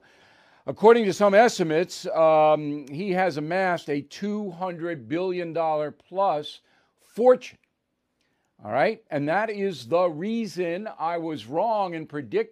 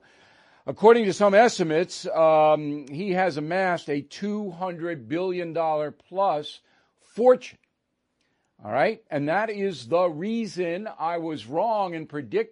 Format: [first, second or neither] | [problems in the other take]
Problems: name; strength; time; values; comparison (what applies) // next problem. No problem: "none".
first | garbled, watery; slightly; nothing above 10.5 kHz